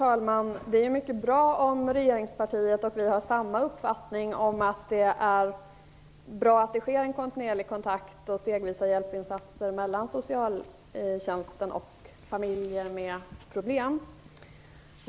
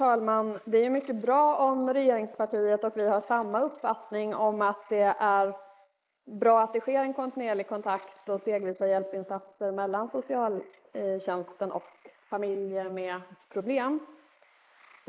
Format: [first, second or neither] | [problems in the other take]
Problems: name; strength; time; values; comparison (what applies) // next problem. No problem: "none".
first | noise reduction (neural mask model Resemble Enhance denoiser)